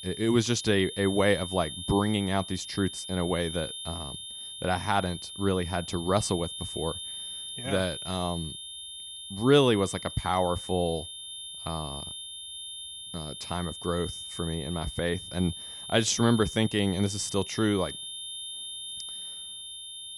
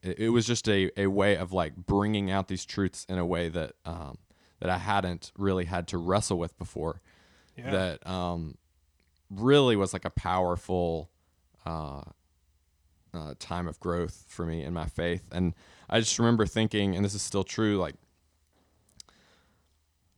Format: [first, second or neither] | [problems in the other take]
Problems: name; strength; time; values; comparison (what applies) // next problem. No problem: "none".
second | high-pitched whine; loud; throughout; 3.5 kHz, 9 dB below the speech